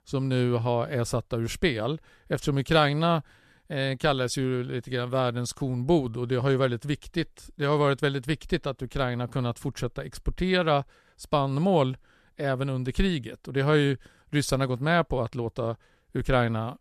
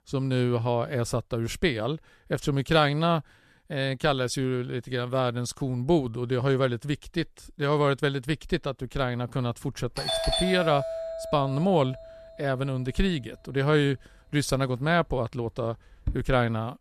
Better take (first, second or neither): first